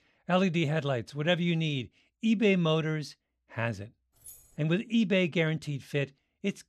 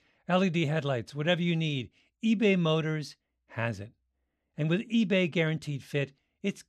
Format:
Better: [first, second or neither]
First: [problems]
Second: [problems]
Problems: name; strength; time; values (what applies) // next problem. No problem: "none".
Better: second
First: jangling keys; faint; at 4 s; peak 20 dB below the speech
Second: none